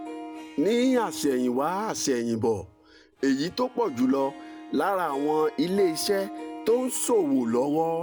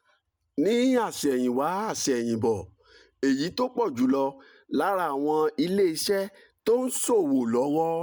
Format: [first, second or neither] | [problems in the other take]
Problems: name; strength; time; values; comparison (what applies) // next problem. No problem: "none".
second | background sound (Harp); 15 dB below the speech